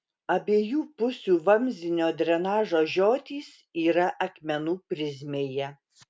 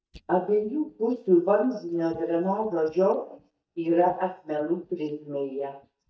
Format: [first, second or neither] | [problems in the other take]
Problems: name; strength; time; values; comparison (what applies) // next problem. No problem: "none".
first | noise reduction (neural mask model DeepFilterNet 3)